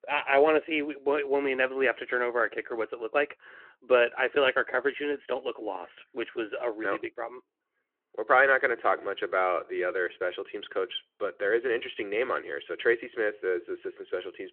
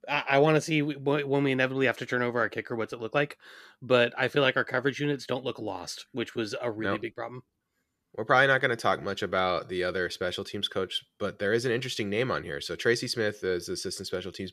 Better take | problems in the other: second | phone-call audio

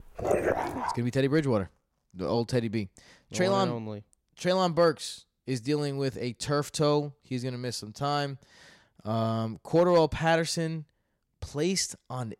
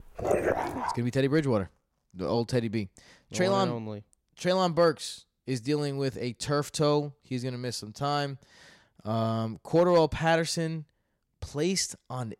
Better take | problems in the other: neither | dog barking; loud; at the start; peak 1 dB above the speech; the same in both

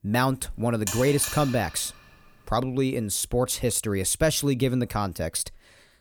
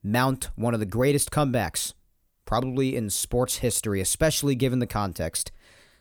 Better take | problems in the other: second | alarm; noticeable; at 1 s; peak 6 dB below the speech

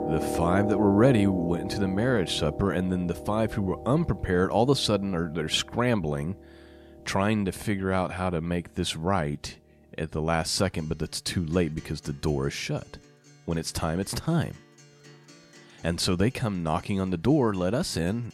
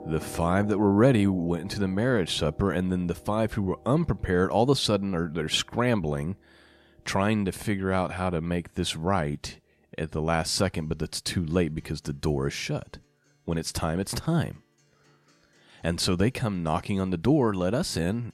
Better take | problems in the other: second | background music; loud; throughout; 8 dB below the speech; faint in the second

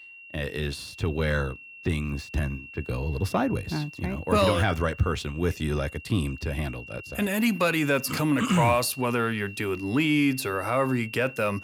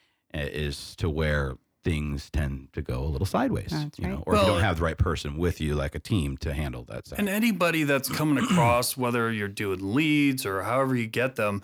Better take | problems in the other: second | high-pitched whine; noticeable; throughout; 2.5 kHz, 15 dB below the speech

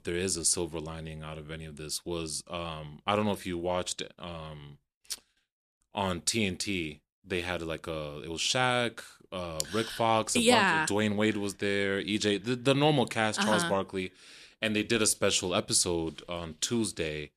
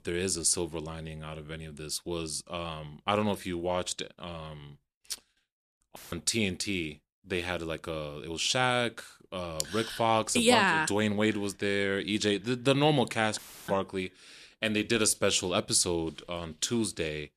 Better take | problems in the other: first | audio cutting out; filled with static; at 6 s and at 13 s

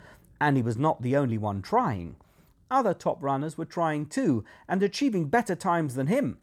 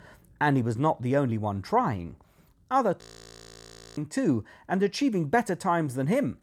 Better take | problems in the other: first | audio freezing; at 3 s for 1 s

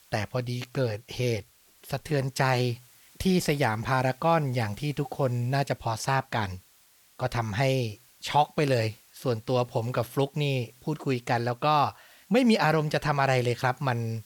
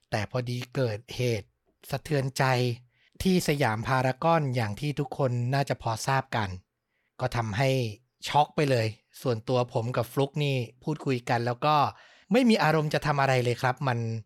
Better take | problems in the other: second | hiss; faint; throughout; 30 dB below the speech

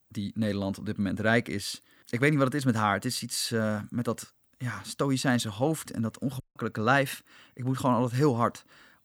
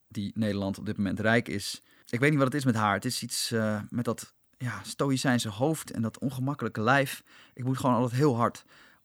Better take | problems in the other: second | audio cutting out; at 6.5 s

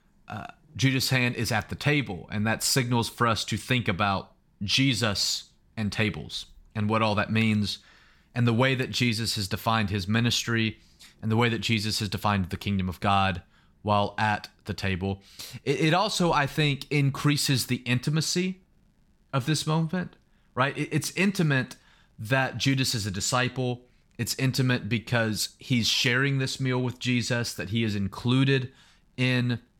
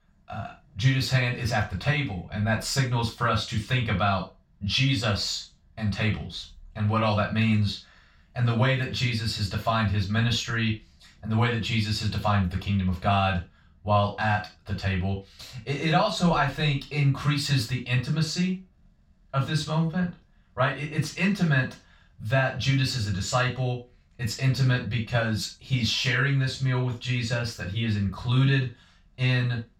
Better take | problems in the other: first | room echo; slight; dies away in 0.2 s // off-mic speech; far

